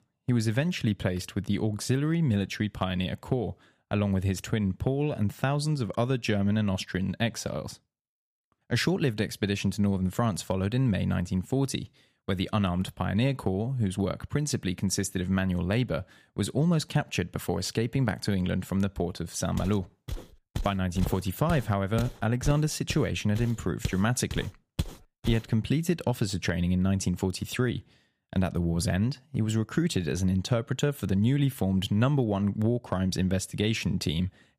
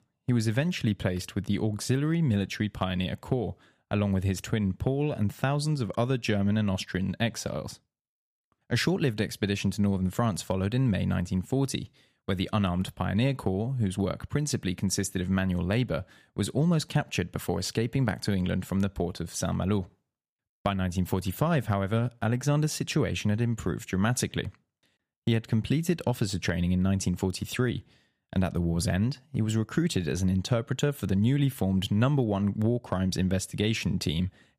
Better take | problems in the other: second | footsteps; noticeable; from 20 to 25 s; peak 7 dB below the speech

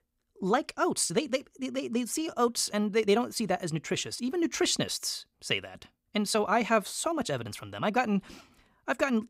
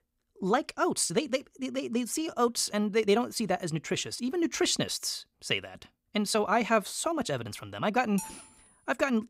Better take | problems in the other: first | clattering dishes; faint; at 8 s; peak 10 dB below the speech

